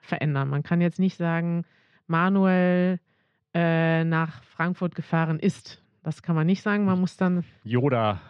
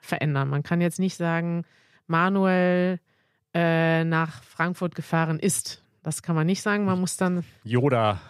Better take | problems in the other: second | muffled; slightly; fading above 4 kHz

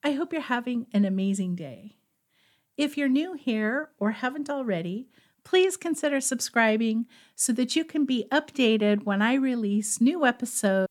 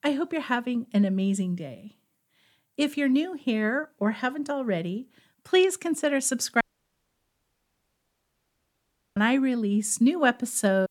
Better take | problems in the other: first | audio cutting out; at 6.5 s for 2.5 s

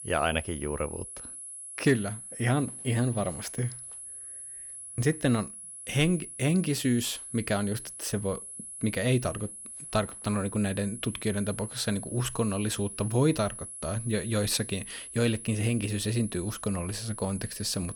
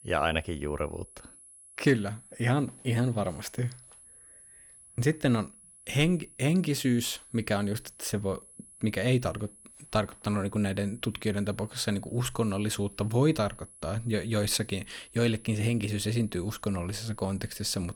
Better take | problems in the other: second | high-pitched whine; loud; throughout; 10.5 kHz, 10 dB below the speech; faint in the second

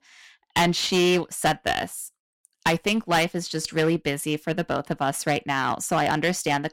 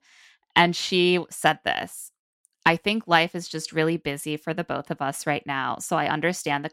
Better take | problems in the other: second | distortion; heavy; 8% of the sound clipped

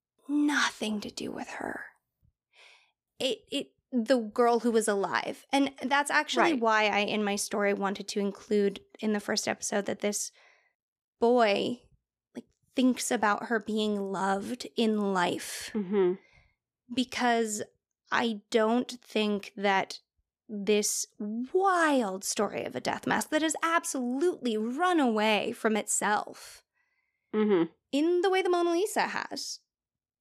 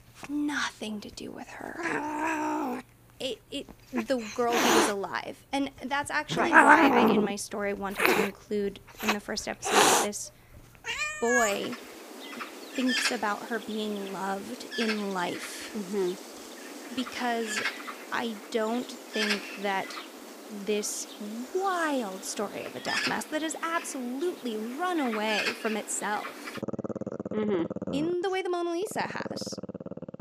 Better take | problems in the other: first | animal sounds; very loud; throughout; 3 dB above the speech

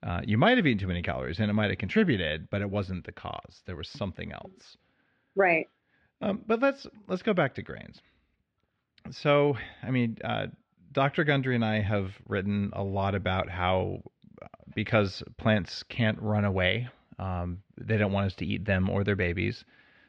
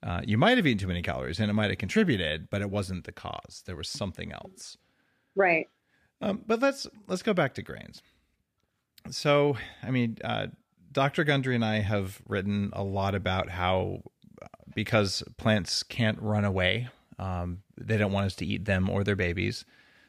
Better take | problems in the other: second | muffled; slightly; fading above 3.5 kHz

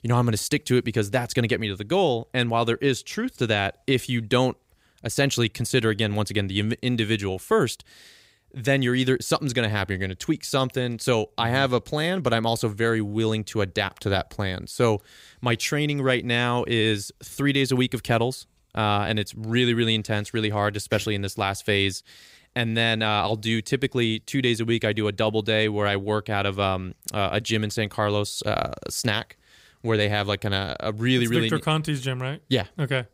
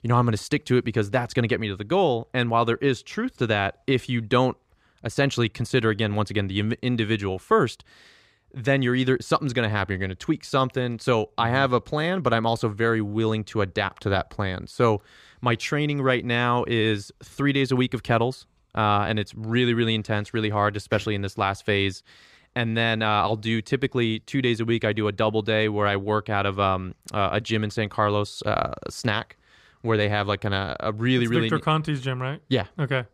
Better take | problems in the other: first | muffled; very slightly; fading above 1.5 kHz

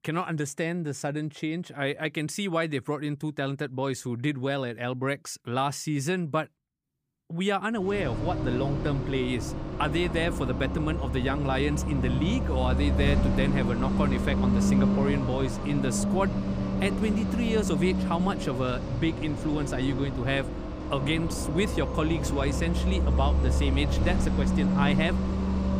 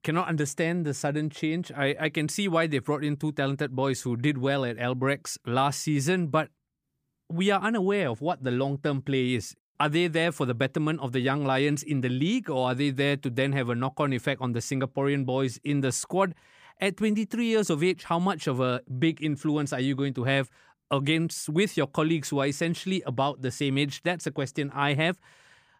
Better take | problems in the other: second | traffic noise; very loud; from 8 s on; 1 dB above the speech

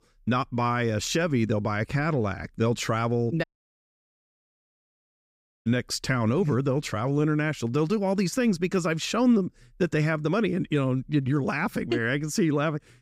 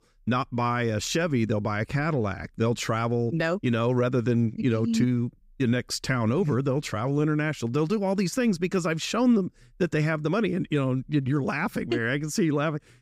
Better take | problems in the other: second | audio cutting out; at 3.5 s for 2 s

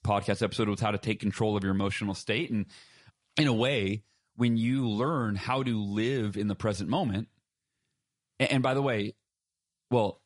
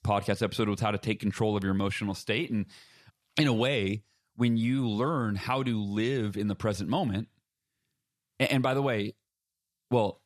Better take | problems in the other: second | garbled, watery; slightly; nothing above 11 kHz

